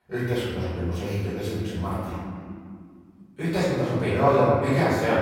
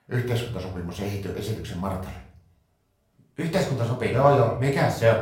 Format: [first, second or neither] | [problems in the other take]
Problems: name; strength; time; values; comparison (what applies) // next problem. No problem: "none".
second | room echo; strong; dies away in 2.2 s; slight in the second // off-mic speech; far; far in the second